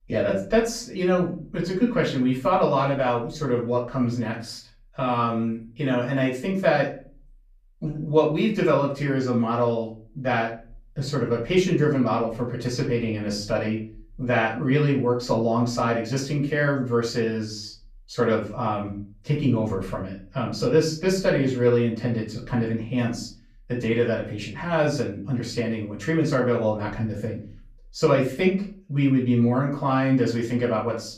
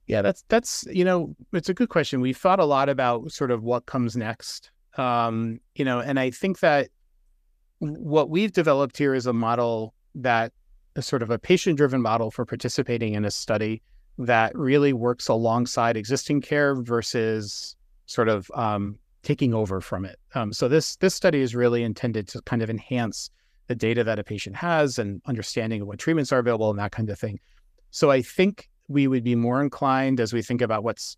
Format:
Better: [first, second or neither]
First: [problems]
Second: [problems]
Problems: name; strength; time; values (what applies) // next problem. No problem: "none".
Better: second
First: off-mic speech; far // room echo; slight; dies away in 0.4 s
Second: none